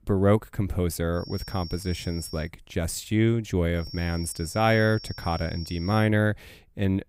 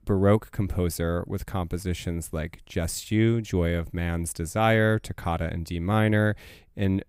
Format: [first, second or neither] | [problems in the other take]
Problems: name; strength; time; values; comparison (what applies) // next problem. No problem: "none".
second | high-pitched whine; noticeable; from 1 to 2.5 s and from 4 to 6 s; 5.5 kHz, 15 dB below the speech